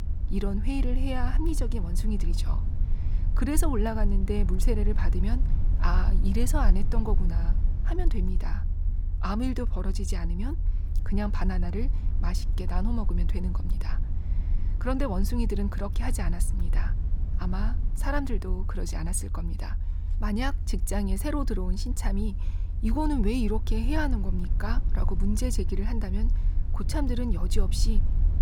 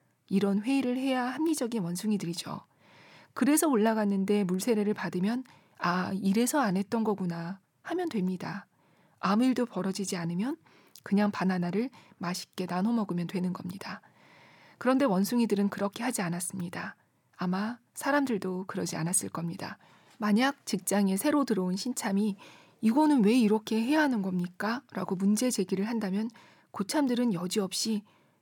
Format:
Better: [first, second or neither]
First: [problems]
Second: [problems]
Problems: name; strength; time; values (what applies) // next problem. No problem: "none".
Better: second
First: low rumble; noticeable; throughout; 15 dB below the speech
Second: none